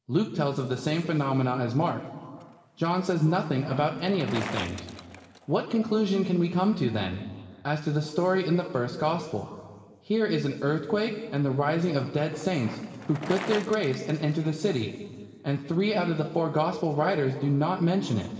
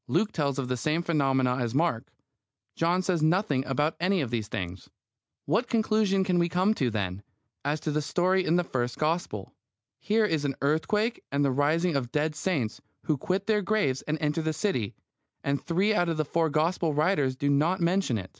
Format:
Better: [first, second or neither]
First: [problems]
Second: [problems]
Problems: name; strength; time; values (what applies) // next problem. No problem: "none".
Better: second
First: background sound (Bicycle); 19 dB below the speech // room echo; dies away in 1.7 s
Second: none